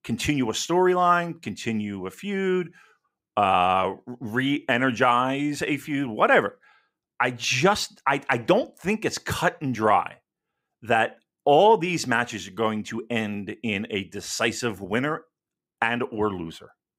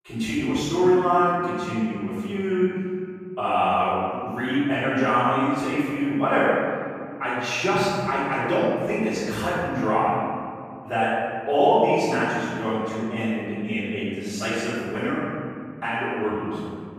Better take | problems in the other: first | off-mic speech; far // room echo; strong; dies away in 2.2 s

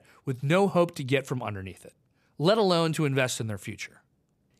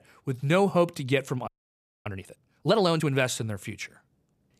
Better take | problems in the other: first | audio freezing; at 1.5 s for 0.5 s

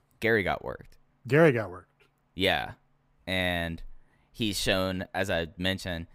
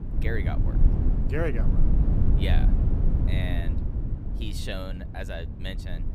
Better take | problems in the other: first | low rumble; loud; throughout; 4 dB below the speech

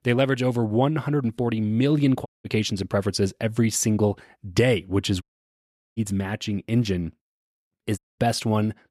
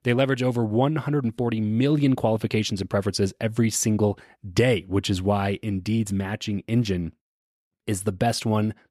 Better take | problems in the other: second | audio cutting out; at 2.5 s, at 5 s for 0.5 s and at 8 s

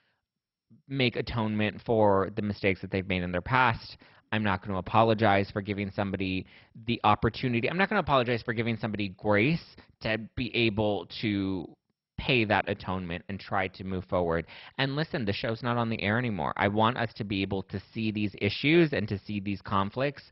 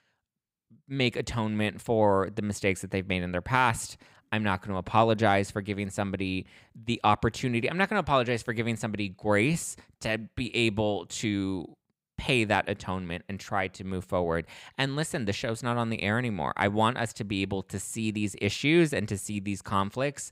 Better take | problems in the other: second | garbled, watery; badly; nothing above 5.5 kHz

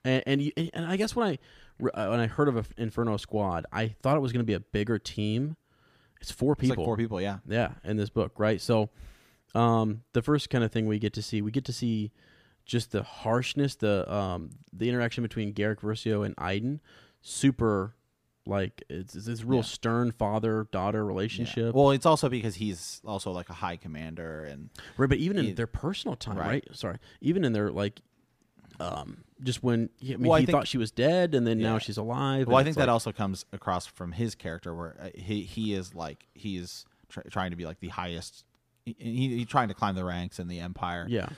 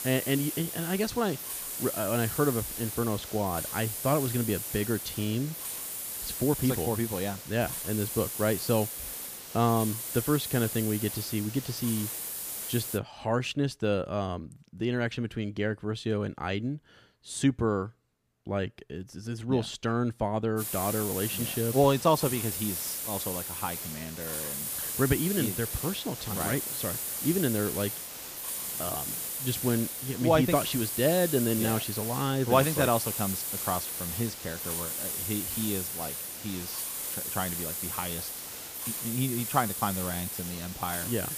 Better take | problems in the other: first | hiss; loud; until 13 s and from 21 s on; 3 dB below the speech

